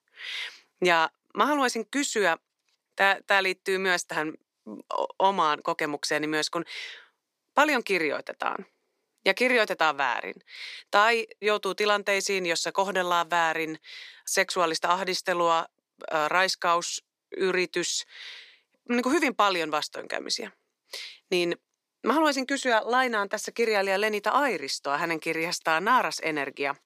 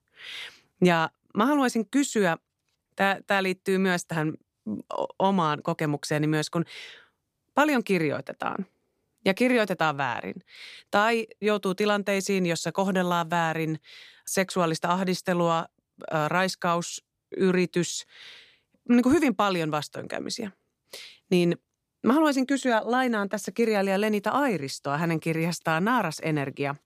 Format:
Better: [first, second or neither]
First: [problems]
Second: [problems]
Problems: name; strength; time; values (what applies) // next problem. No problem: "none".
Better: second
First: thin; somewhat; fading below 400 Hz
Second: none